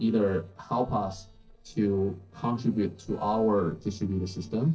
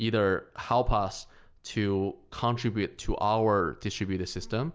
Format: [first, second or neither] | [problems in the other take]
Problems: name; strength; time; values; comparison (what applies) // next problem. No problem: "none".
second | noise reduction (neural separator model SepFormer DNS4)